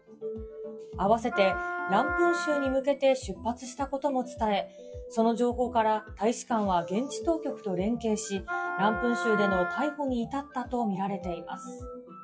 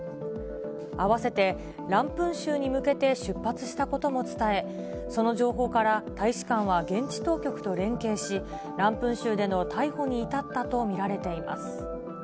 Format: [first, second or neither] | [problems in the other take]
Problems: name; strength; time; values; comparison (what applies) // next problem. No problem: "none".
second | noise reduction (classical method WPE with log-MMSE)